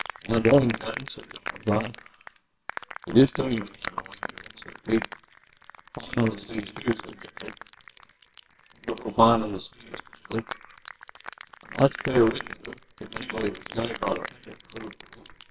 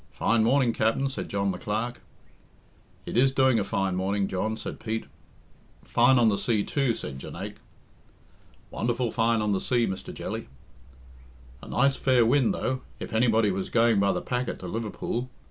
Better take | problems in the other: second | noise reduction (neural separator model SepFormer WHAMR!)

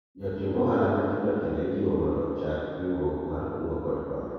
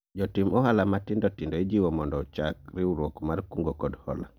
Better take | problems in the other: second | room echo; dies away in 2.2 s

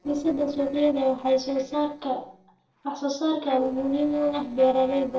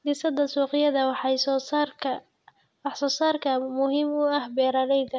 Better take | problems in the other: second | noise reduction (neural separator model SepFormer DNS4)

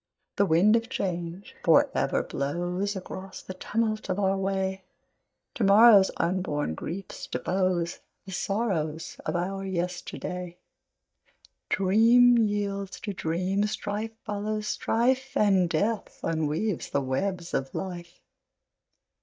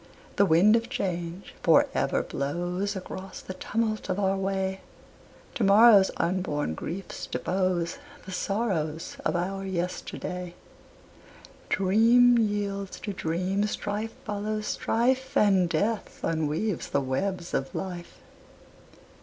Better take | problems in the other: second | noise reduction (neural mask model DeepFilterNet 3)

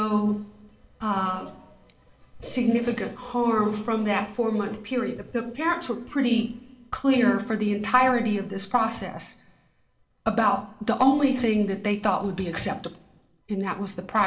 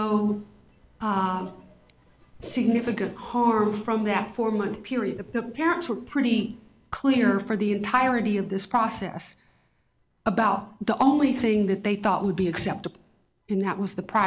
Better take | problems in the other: second | room echo; dies away in 0.8 s

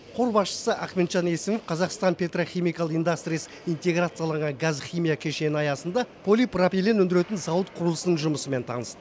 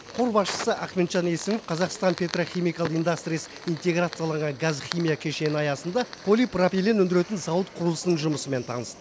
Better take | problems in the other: first | background sound (Fire); 16 dB below the speech

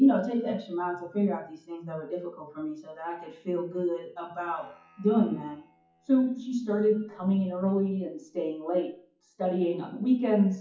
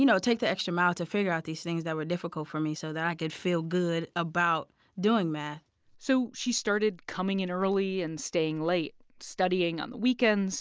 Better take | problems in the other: second | noise reduction (classical method WPE with log-MMSE)

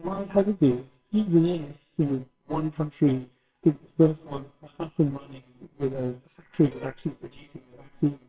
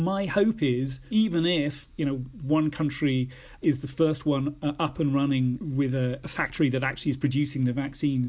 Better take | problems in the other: second | noise reduction (neural separator model SepFormer WHAMR!)

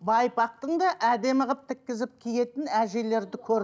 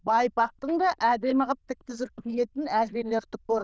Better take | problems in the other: first | noise reduction (neural diffusion model UNIVERSE++)

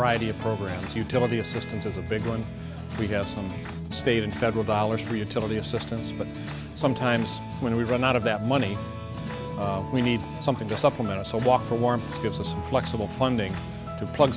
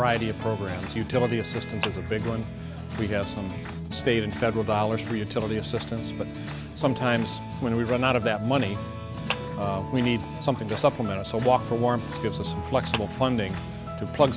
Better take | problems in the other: first | background sound (Clapping); 12 dB below the speech

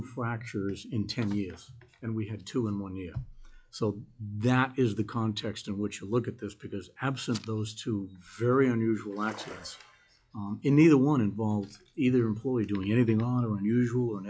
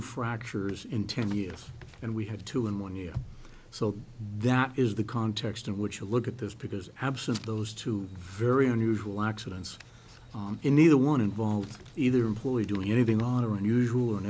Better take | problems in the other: second | noise reduction (classical method log-MMSE)

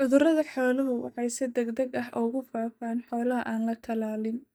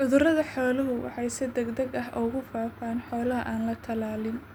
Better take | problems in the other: second | noise reduction (neural mask model DeepFilterNet 3)

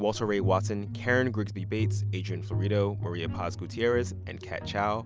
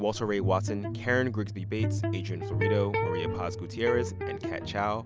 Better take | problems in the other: first | background sound (Electric guitar); 7 dB below the speech

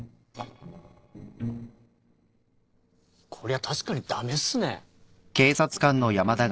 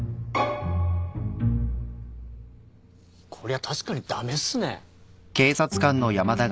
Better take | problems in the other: second | noise reduction (neural separator model SepFormer DNS4)

